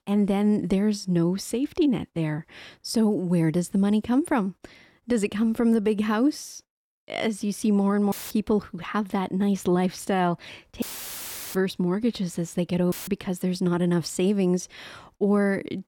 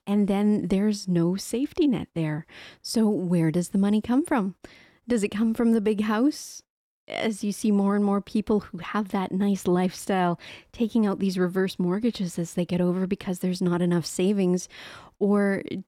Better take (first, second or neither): second